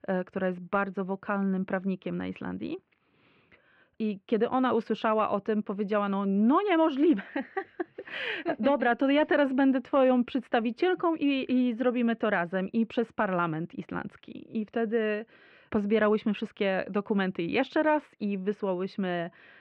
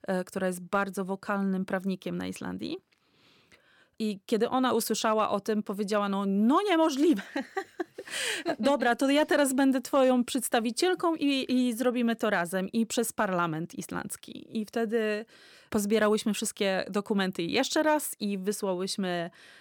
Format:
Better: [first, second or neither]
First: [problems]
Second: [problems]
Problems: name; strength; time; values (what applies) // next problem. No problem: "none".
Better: second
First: muffled; very; fading above 2.5 kHz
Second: none